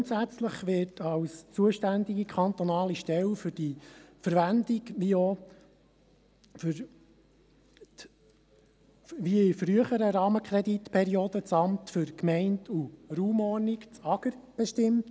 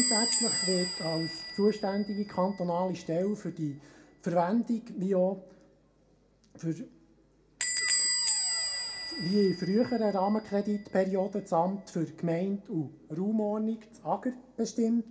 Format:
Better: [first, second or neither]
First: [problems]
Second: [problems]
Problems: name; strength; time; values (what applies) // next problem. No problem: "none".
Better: first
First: none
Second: background sound (Squeak / Bell); 4 dB below the speech // room echo; dies away in 0.2 s